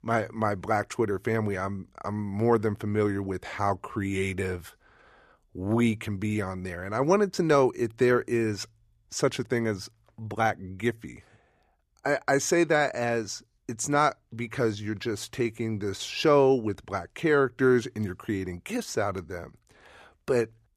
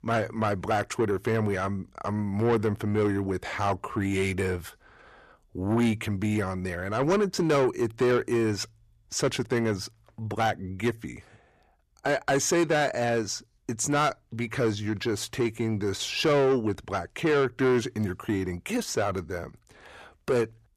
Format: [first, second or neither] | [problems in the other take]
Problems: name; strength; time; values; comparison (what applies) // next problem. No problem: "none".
first | distortion; slight; 10 dB below the speech